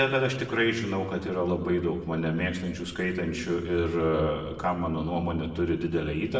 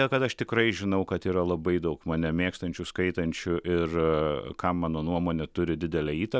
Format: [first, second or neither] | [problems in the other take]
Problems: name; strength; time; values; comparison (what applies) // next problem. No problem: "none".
second | room echo; dies away in 1 s